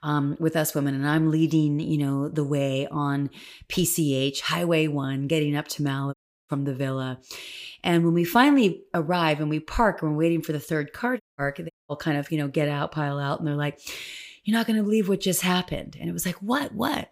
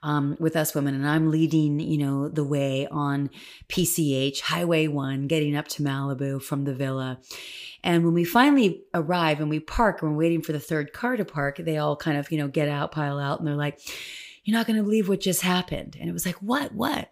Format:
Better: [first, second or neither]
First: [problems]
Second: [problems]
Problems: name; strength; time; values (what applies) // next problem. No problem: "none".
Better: second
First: audio cutting out; at 6 s, at 11 s and at 12 s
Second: none